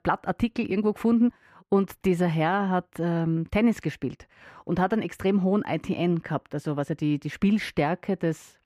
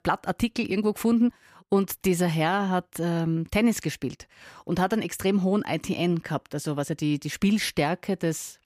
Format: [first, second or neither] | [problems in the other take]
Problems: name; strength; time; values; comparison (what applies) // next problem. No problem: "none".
second | muffled; slightly; fading above 3.5 kHz